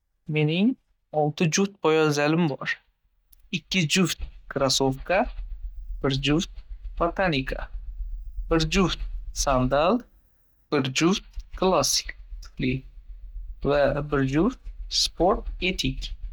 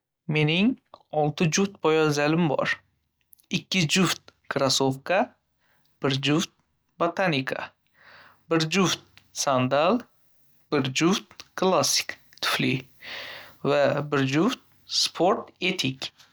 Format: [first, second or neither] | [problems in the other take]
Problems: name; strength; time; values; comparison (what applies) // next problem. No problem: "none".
second | noise reduction (neural mask model DeepFilterNet 3)